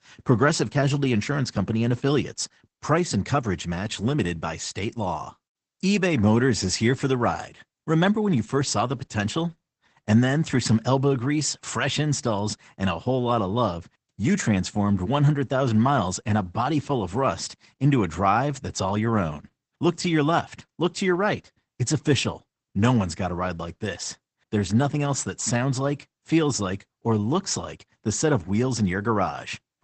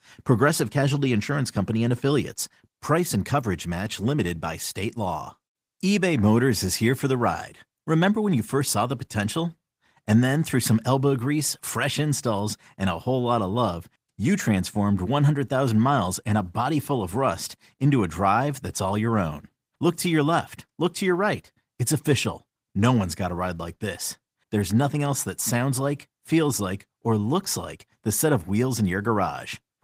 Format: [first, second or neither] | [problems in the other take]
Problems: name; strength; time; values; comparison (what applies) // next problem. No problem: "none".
second | garbled, watery; badly; nothing above 8 kHz; slightly in the second